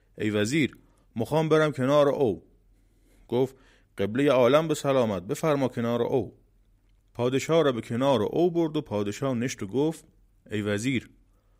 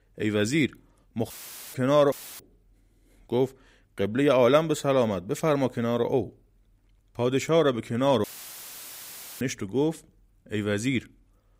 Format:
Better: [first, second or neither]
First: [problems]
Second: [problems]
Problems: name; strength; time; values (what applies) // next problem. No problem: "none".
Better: first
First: none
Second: audio cutting out; filled with static; at 1.5 s, at 2 s and at 8 s for 1 s